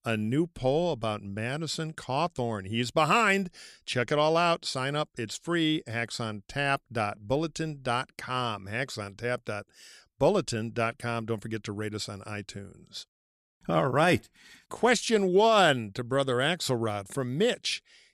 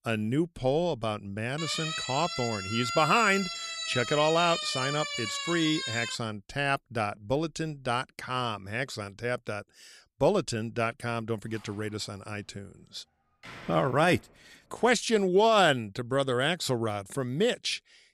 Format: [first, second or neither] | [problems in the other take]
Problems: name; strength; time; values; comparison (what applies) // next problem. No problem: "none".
first | siren; noticeable; from 1.5 to 6 s; peak 3 dB below the speech // door banging; faint; from 12 to 14 s; peak 15 dB below the speech